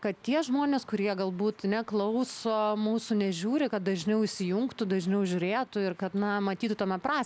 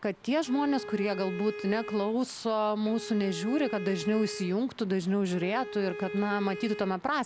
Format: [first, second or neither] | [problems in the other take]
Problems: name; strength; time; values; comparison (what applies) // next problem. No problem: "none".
first | background sound (Bowed string instrument); 12 dB below the speech